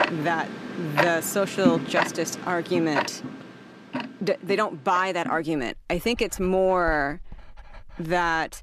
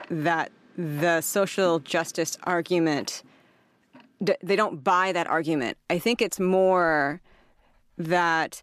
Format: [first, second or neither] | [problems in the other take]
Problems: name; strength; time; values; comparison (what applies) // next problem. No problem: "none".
second | household noises; loud; throughout; 5 dB below the speech; faint in the second